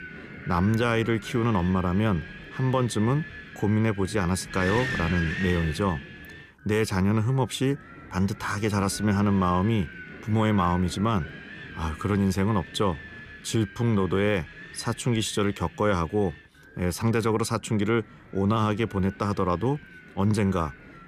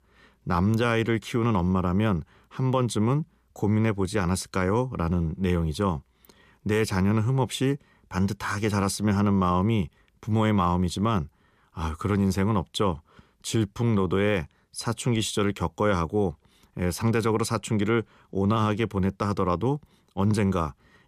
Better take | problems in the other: second | wind noise on the microphone; heavy; 9 dB below the speech

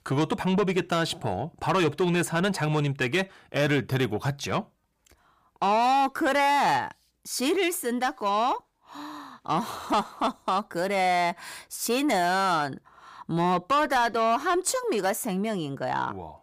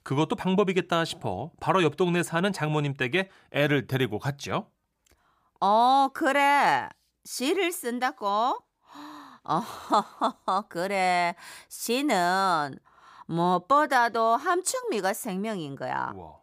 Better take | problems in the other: second | distortion; slight; 10 dB below the speech

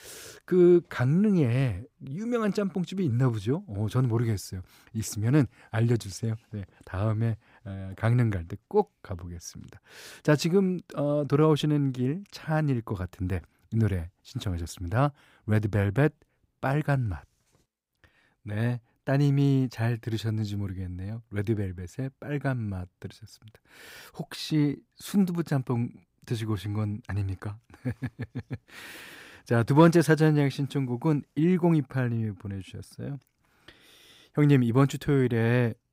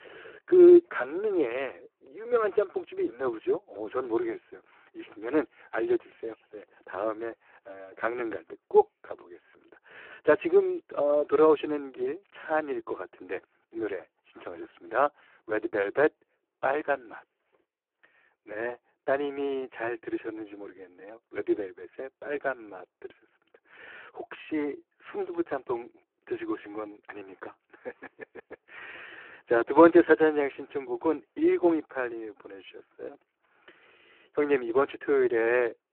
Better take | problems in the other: first | phone-call audio; poor line

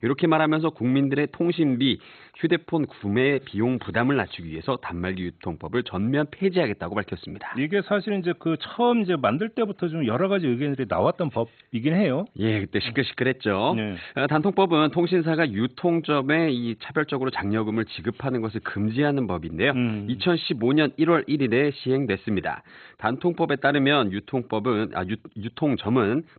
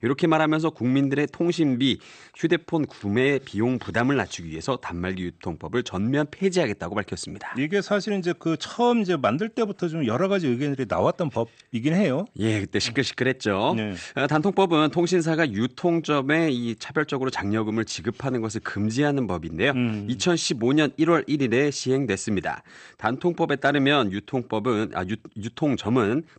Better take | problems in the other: second | garbled, watery; badly; nothing above 4 kHz; slightly in the second

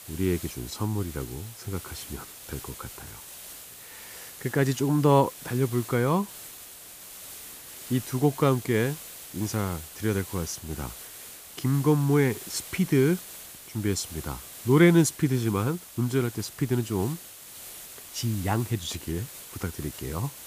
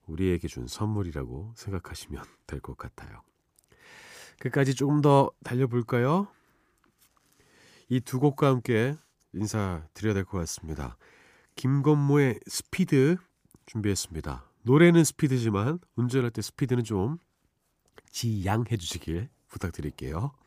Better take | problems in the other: second | hiss; noticeable; throughout; 15 dB below the speech

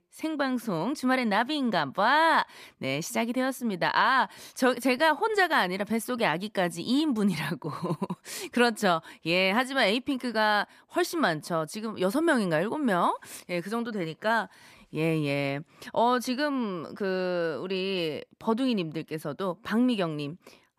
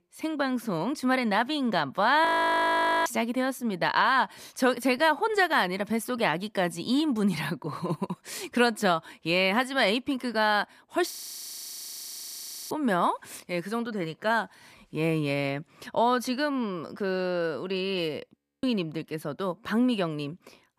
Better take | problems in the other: first | audio freezing; at 2.5 s for 1 s, at 11 s for 1.5 s and at 18 s

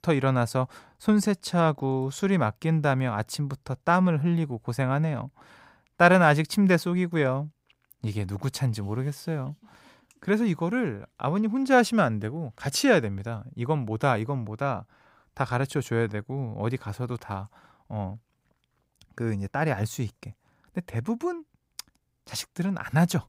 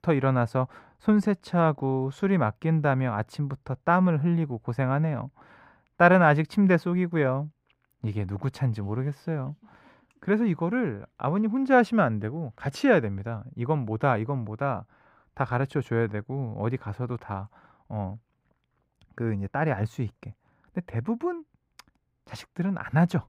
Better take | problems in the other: first | muffled; slightly; fading above 3.5 kHz

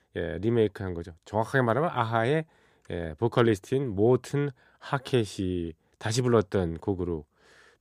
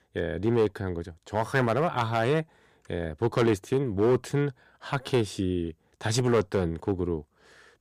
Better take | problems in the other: first | distortion; slight; 3% of the sound clipped

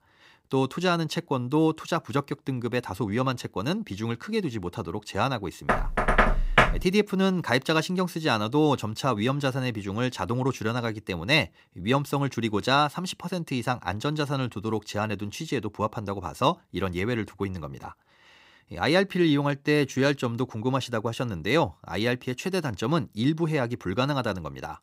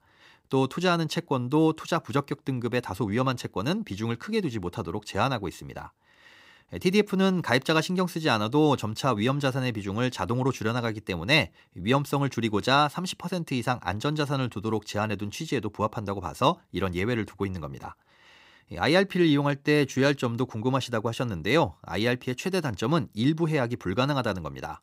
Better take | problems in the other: second | door banging; loud; from 5.5 to 7 s; peak 6 dB above the speech

